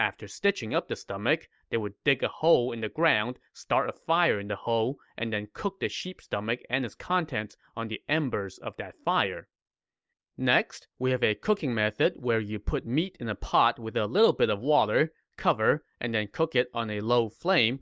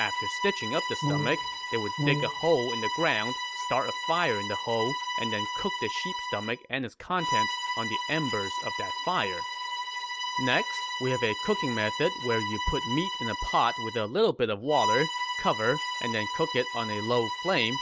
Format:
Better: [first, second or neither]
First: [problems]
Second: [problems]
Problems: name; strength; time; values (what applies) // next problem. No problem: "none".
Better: first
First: none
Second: background sound (Brass instrument + Bowed string instrument); 2 dB below the speech